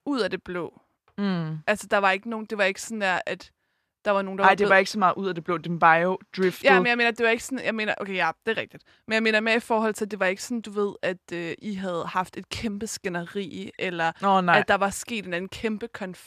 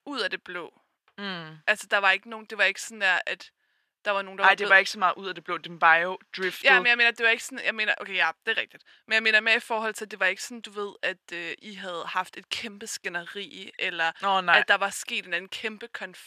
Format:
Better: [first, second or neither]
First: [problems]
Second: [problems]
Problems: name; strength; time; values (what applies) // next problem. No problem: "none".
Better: first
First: none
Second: thin; somewhat; fading below 750 Hz